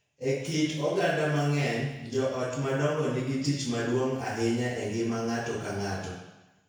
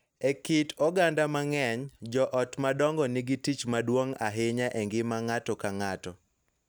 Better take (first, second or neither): second